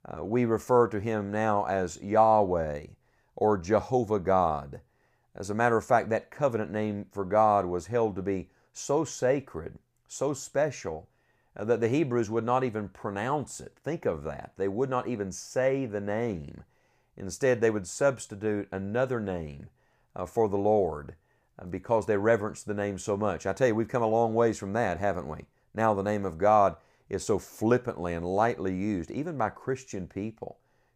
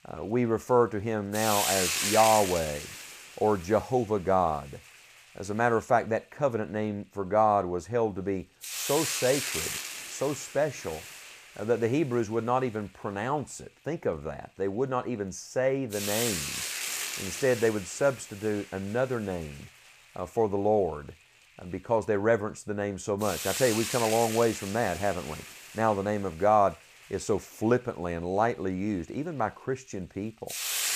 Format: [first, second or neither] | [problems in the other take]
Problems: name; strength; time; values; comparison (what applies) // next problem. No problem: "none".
first | hiss; loud; throughout; 4 dB below the speech